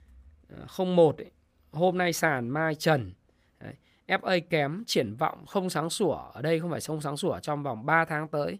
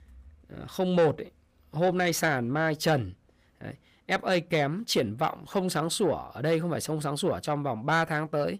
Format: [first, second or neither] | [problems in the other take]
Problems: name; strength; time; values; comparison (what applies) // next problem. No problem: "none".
first | distortion; slight; 10 dB below the speech